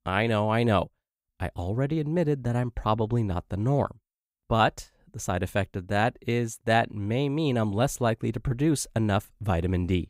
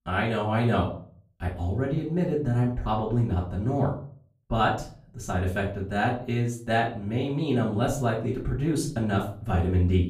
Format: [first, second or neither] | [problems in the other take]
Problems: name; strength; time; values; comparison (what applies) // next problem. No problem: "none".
first | off-mic speech; far // room echo; slight; dies away in 0.4 s